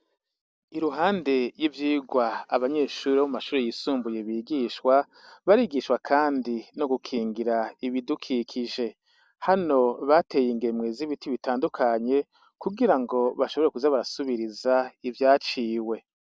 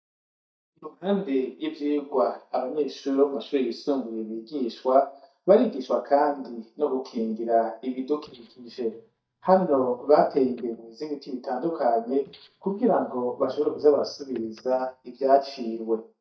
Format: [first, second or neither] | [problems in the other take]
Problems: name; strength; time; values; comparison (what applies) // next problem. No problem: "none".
first | noise reduction (neural mask model DeepFilterNet 3)